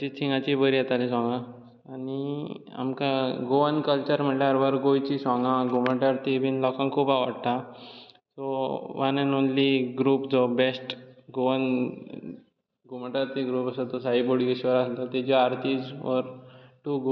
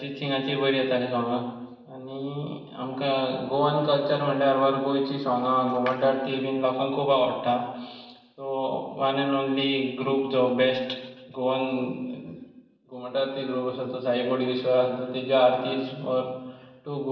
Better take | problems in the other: first | room echo; dies away in 1 s

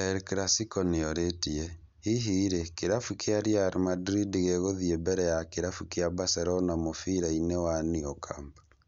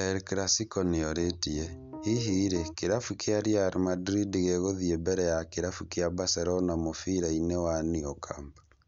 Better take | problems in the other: first | background sound (Piano); 13 dB below the speech

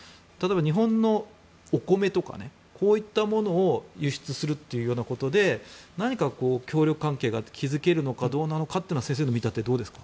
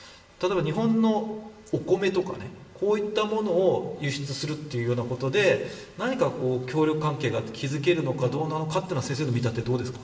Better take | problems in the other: first | room echo; dies away in 1.1 s

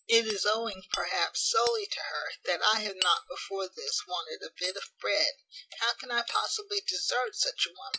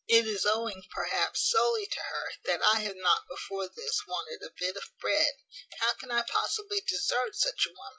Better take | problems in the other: second | background sound (Hammer); 13 dB below the speech

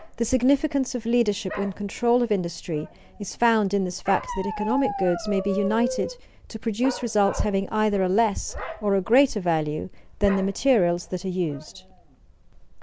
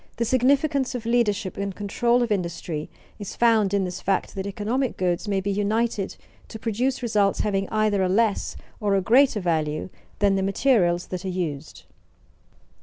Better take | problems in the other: second | background sound (Bark); 13 dB below the speech

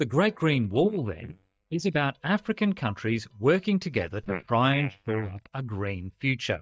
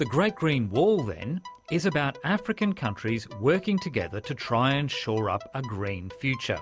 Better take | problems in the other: second | noise reduction (neural mask model DeepFilterNet 3)

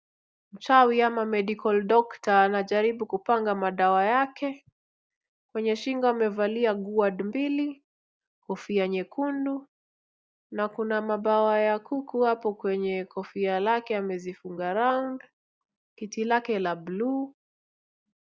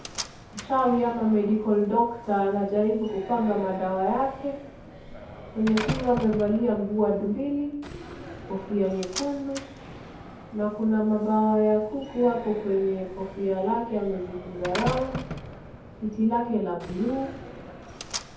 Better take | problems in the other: first | background sound (Slam); 12 dB below the speech // room echo; dies away in 0.6 s

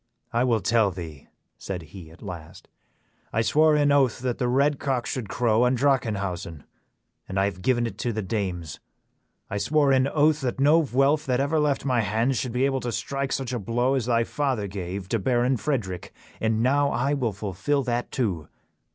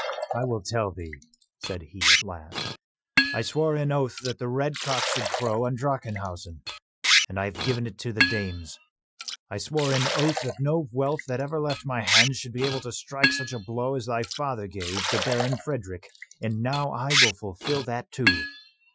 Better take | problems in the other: first | noise reduction (classical method Wiener filter)

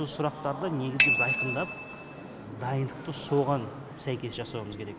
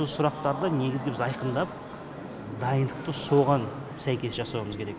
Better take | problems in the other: second | background sound (Bicycle bell); as loud as the speech

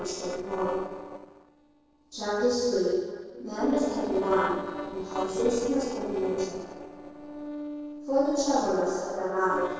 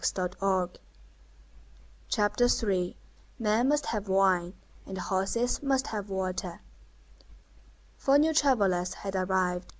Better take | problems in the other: second | noise reduction (neural separator model SepFormer DNS4)

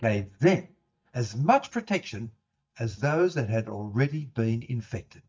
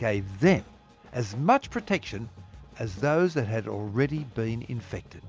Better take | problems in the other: second | noise reduction (neural mask model DeepFilterNet 3)

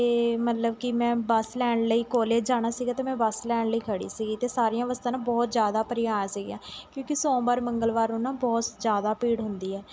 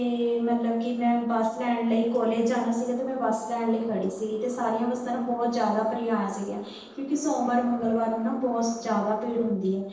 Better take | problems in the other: first | noise reduction (neural separator model SepFormer DNS4)

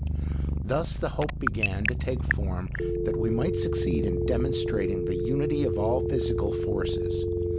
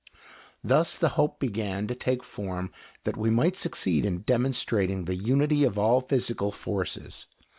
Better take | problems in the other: second | background sound (Telephone + Purr); 4 dB above the speech

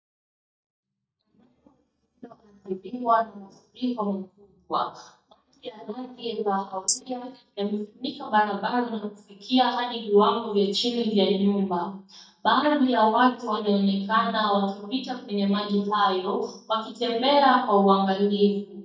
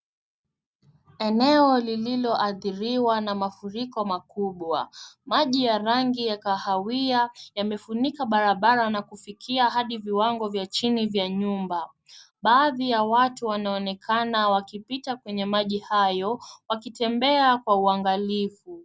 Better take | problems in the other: second | noise reduction (neural mask model DeepFilterNet 3)

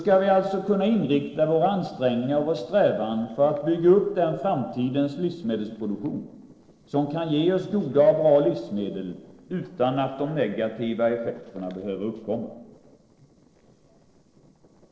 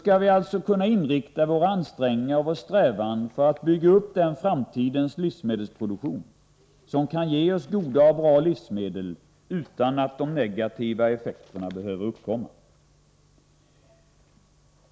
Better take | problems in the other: second | noise reduction (neural separator model SepFormer DNS4)

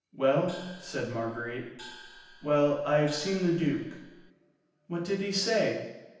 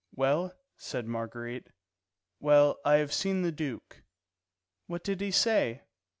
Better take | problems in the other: second | background sound (Gong); 19 dB below the speech // room echo; dies away in 0.9 s

